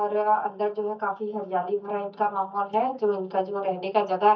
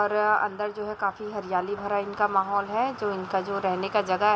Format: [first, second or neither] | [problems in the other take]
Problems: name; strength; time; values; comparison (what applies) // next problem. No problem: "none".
second | noise reduction (neural mask model DeepFilterNet 3)